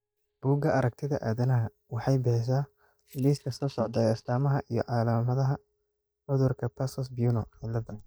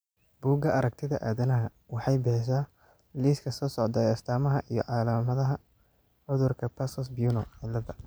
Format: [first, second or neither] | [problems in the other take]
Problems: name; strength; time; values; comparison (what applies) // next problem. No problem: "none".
second | noise reduction (neural mask model DeepFilterNet 3)